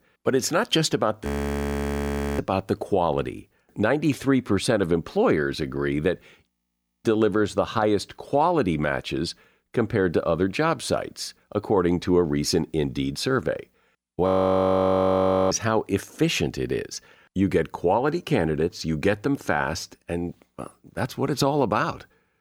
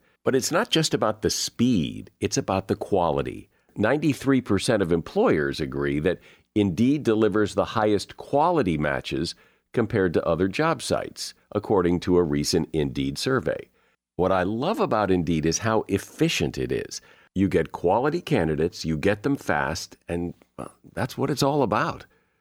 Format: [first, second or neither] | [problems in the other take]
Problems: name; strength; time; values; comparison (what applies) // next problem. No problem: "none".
second | audio freezing; at 1.5 s for 1 s, at 6.5 s for 0.5 s and at 14 s for 1 s